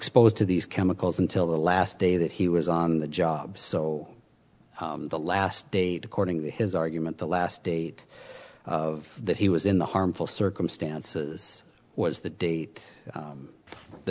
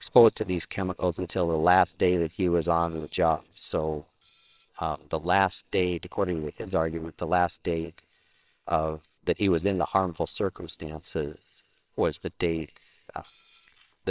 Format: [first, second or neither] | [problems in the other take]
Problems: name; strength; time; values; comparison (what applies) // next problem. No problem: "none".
first | noise reduction (neural separator model SepFormer WHAMR!)